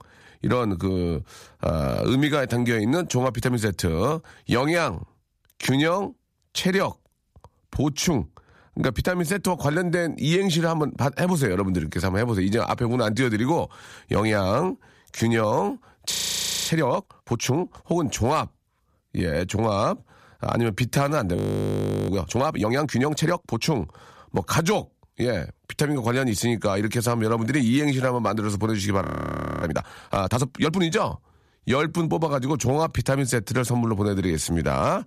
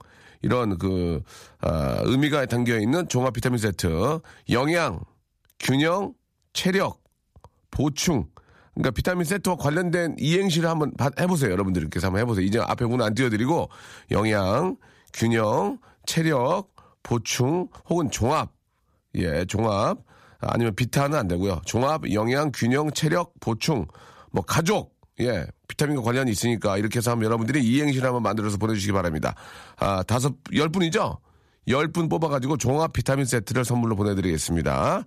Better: second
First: audio freezing; at 16 s for 0.5 s, at 21 s for 0.5 s and at 29 s for 0.5 s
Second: none

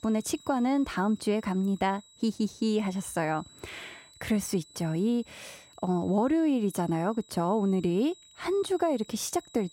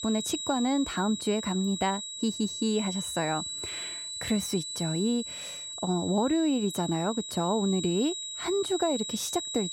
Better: first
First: high-pitched whine; faint; throughout; 4 kHz, 25 dB below the speech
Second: high-pitched whine; loud; throughout; 4 kHz, 5 dB below the speech

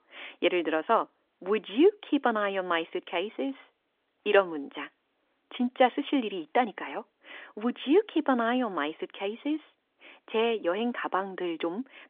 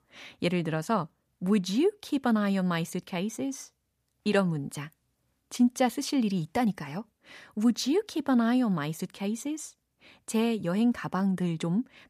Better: second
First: phone-call audio; nothing above 3.5 kHz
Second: none

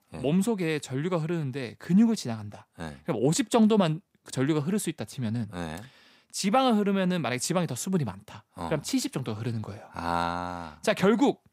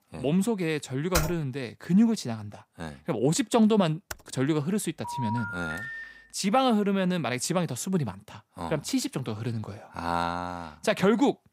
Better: first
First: none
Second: keyboard typing; noticeable; at 1 s; peak 2 dB below the speech // keyboard typing; very faint; at 4 s; peak 15 dB below the speech // phone ringing; noticeable; from 5 to 6 s; peak 6 dB below the speech

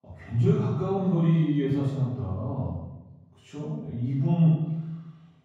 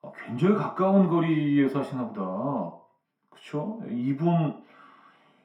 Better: second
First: room echo; strong; dies away in 1.4 s // off-mic speech; far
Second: room echo; slight; dies away in 0.5 s // off-mic speech; far

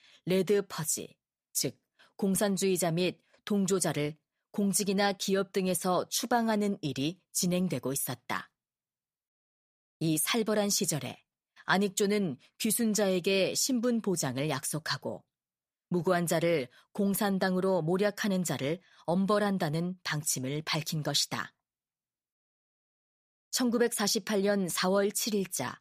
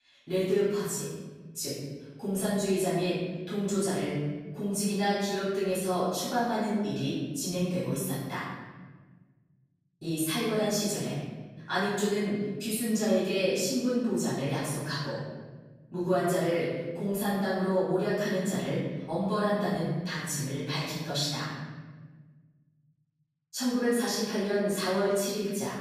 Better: first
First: none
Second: off-mic speech; far // room echo; strong; dies away in 1.5 s

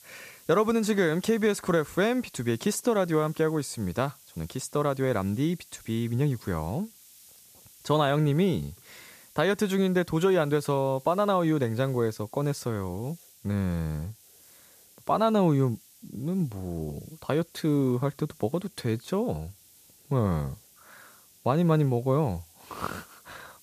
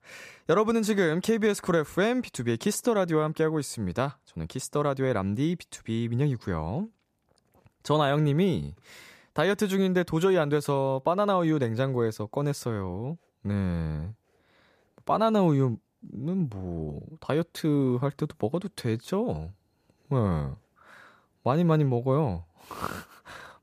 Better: second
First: hiss; faint; throughout; 25 dB below the speech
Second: none

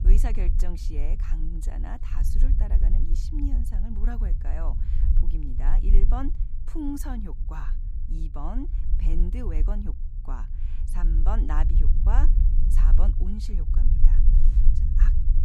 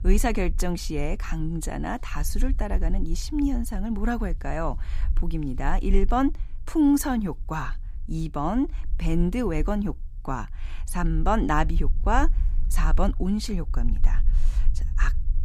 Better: second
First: low rumble; loud; throughout; 7 dB below the speech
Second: low rumble; faint; throughout; 25 dB below the speech

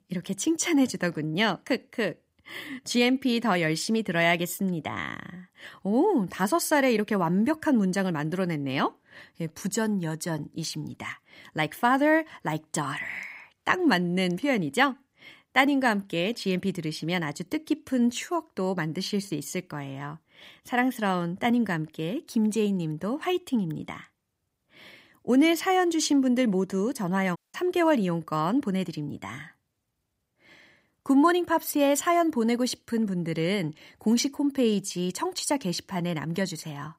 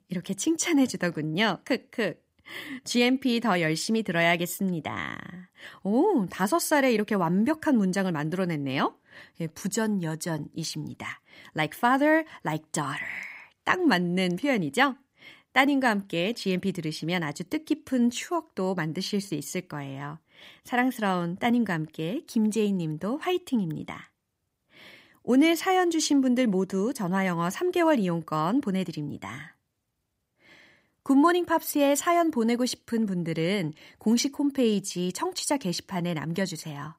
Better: second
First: audio cutting out; at 27 s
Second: none

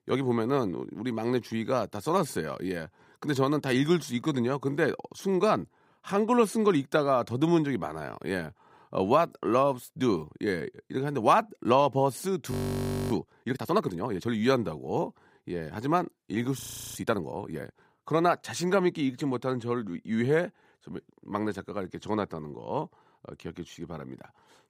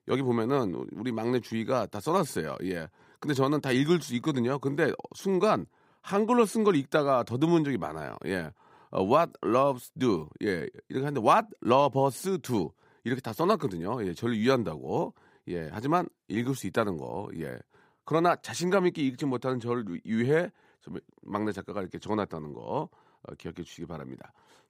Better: second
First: audio freezing; at 13 s for 0.5 s and at 17 s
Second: none

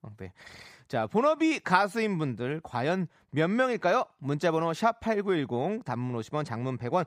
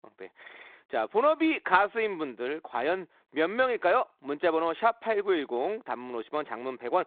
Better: first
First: none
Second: phone-call audio; nothing above 3.5 kHz

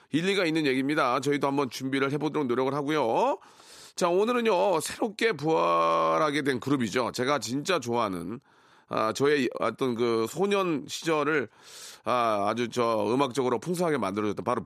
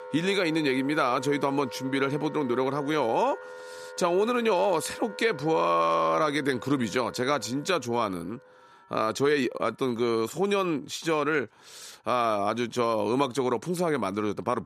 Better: first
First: none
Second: background music; noticeable; throughout; 15 dB below the speech

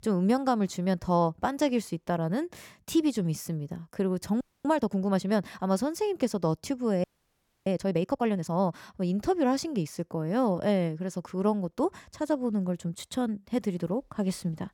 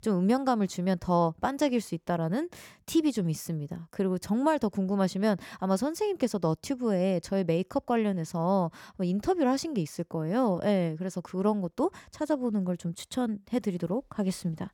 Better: second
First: audio freezing; at 4.5 s and at 7 s for 0.5 s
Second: none

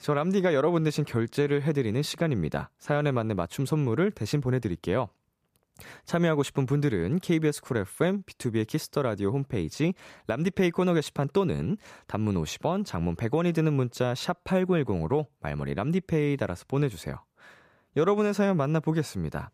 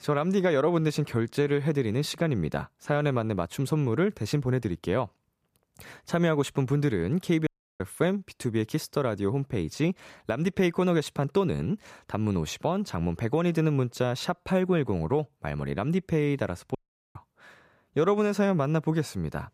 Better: first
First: none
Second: audio cutting out; at 7.5 s and at 17 s

